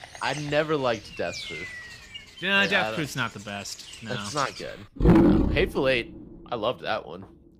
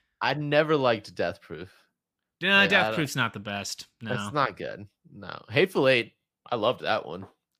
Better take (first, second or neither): second